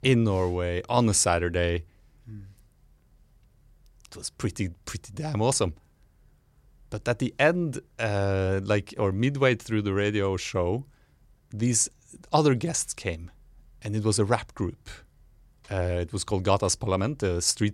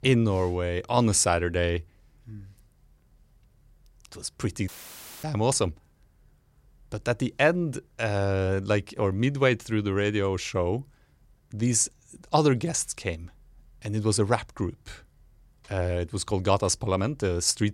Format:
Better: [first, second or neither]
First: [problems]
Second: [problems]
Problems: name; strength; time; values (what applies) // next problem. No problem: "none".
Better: first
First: none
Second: audio cutting out; filled with static; at 4.5 s for 0.5 s